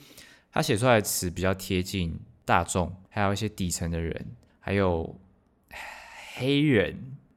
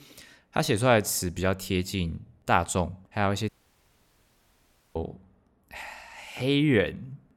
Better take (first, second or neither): first